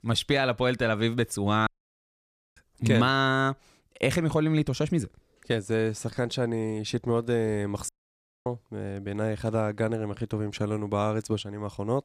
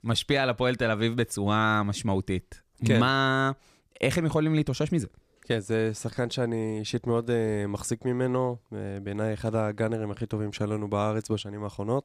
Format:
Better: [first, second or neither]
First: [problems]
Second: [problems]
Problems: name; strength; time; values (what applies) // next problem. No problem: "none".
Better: second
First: audio cutting out; at 1.5 s for 1 s and at 8 s for 0.5 s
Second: none